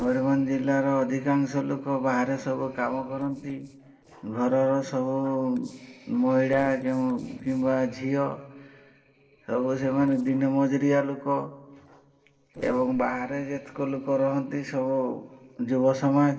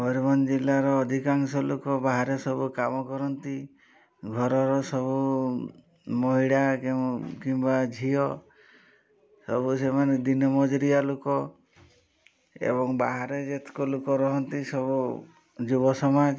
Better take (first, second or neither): second